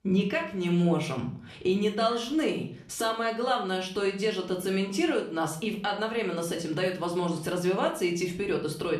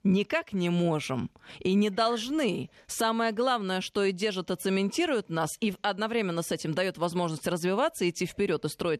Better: second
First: room echo; slight; dies away in 0.4 s // off-mic speech; somewhat distant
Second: none

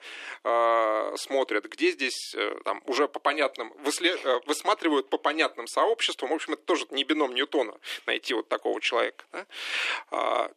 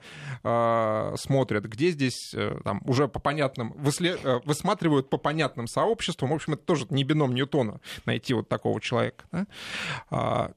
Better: second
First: thin; somewhat; fading below 300 Hz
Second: none

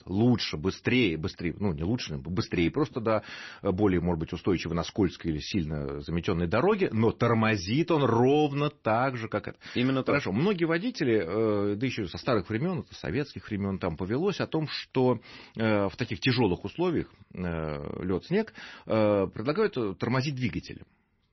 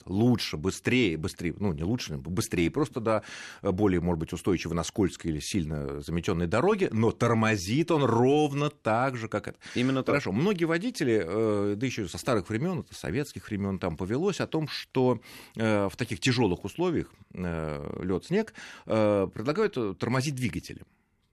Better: second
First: garbled, watery; slightly; nothing above 6 kHz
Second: none

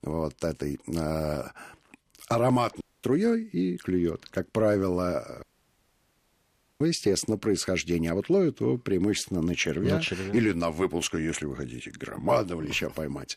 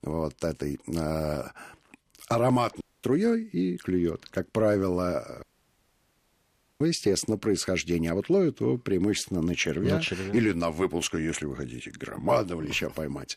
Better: neither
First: audio cutting out; at 3 s and at 5.5 s for 1.5 s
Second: audio cutting out; at 3 s and at 5.5 s for 1.5 s

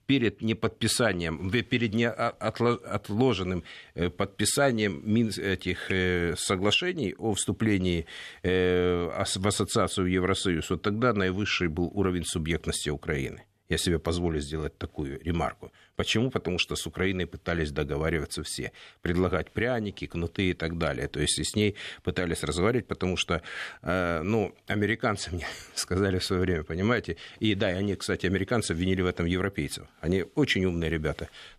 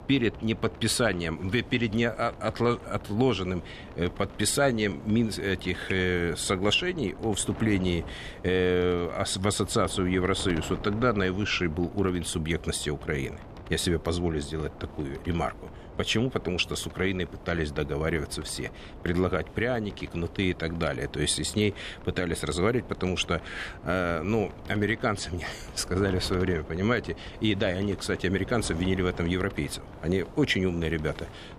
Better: first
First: none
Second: wind noise on the microphone; occasional gusts; 15 dB below the speech

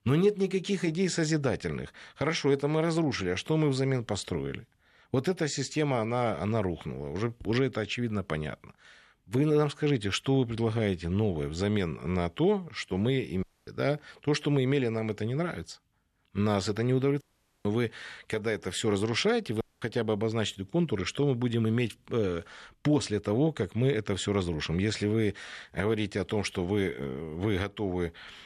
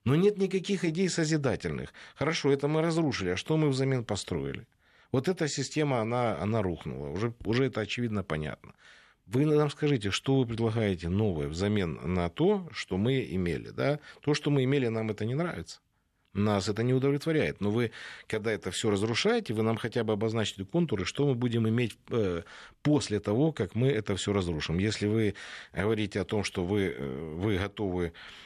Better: second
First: audio cutting out; at 13 s, at 17 s and at 20 s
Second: none

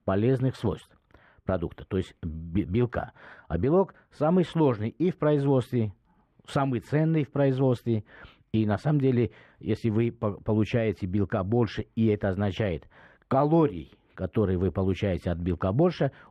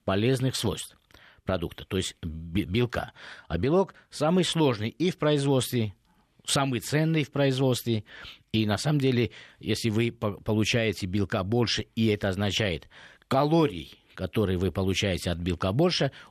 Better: second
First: muffled; very; fading above 2.5 kHz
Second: none

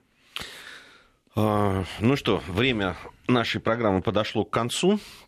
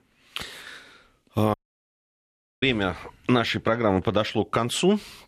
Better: first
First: none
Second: audio cutting out; at 1.5 s for 1 s

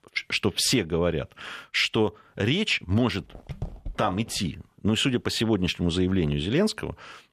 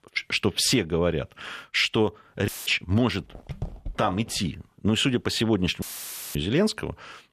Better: first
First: none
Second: audio cutting out; filled with static; at 2.5 s and at 6 s for 0.5 s

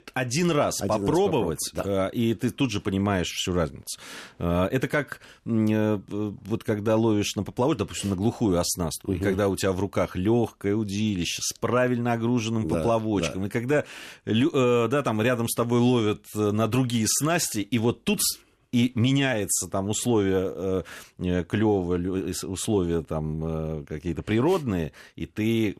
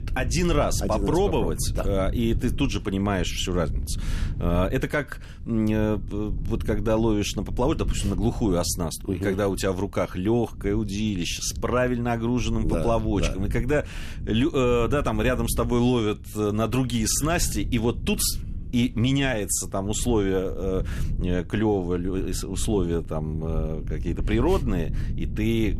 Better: first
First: none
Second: low rumble; noticeable; throughout; 20 dB below the speech

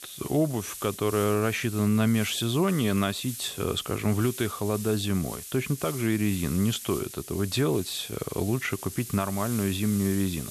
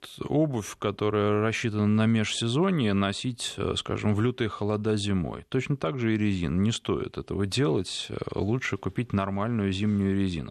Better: second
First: hiss; noticeable; throughout; 10 dB below the speech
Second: none

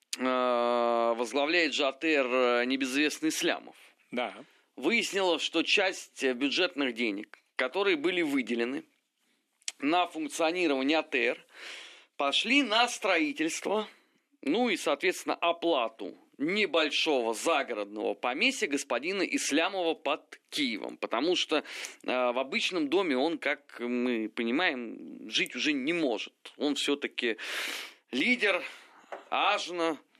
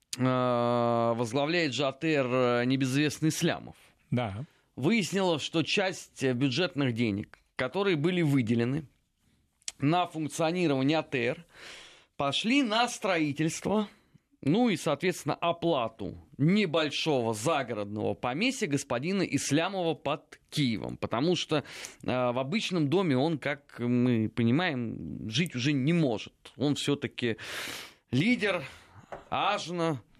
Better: second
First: thin; very slightly; fading below 250 Hz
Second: none

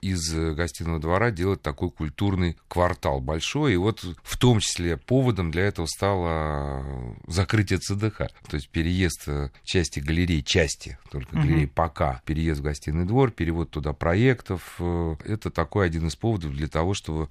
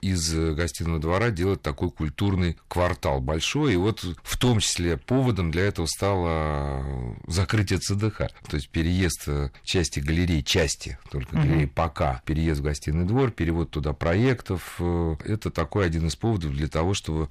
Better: first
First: none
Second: distortion; slight; 10 dB below the speech

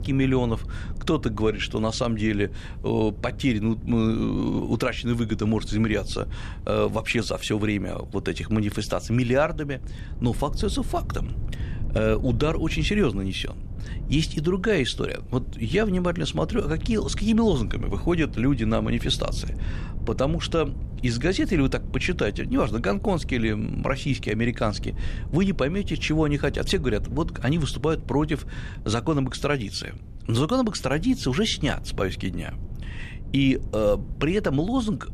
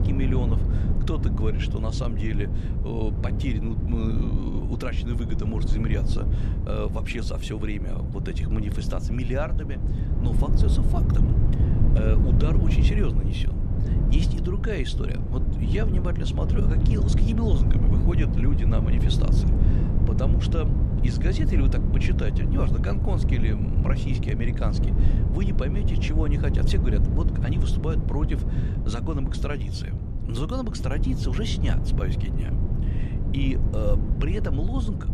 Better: first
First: low rumble; faint; throughout; 20 dB below the speech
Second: low rumble; loud; throughout; 2 dB below the speech

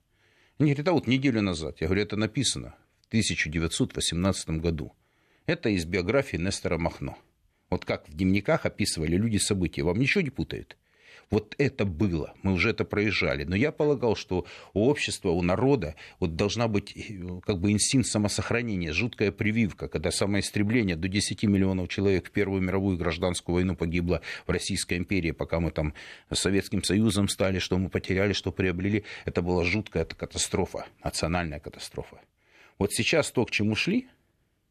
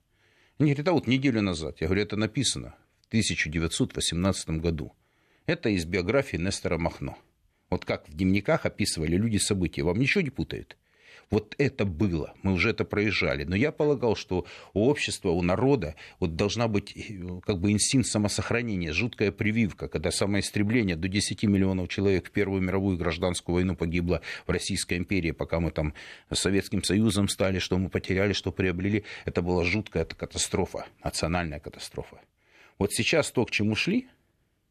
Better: neither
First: none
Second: none

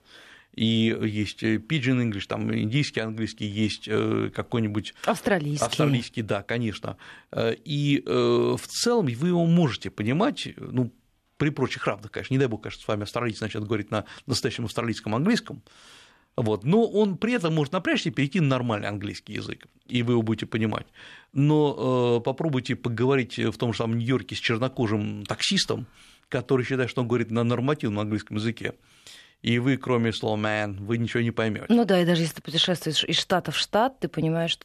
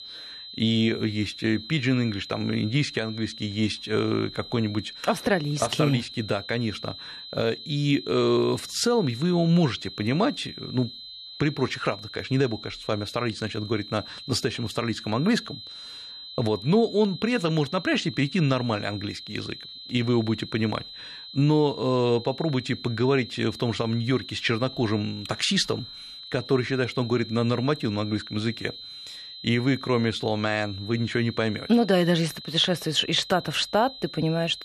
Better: first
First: none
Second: high-pitched whine; noticeable; throughout; 4 kHz, 15 dB below the speech

